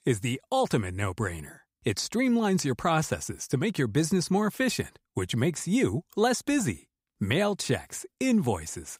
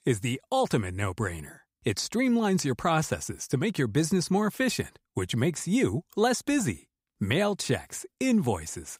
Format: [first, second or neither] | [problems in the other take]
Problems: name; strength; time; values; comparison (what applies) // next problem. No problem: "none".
neither | none